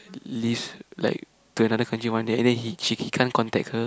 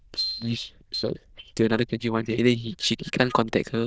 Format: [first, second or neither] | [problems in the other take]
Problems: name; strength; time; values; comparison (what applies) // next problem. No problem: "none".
first | noise reduction (neural diffusion model UNIVERSE++)